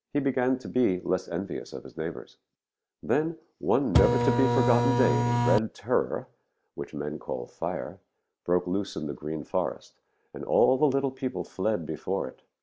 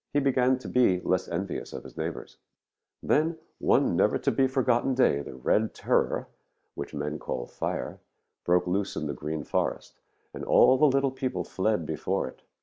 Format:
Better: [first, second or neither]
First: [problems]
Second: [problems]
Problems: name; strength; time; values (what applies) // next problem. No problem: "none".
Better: second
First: background sound (Printer); 4 dB above the speech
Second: none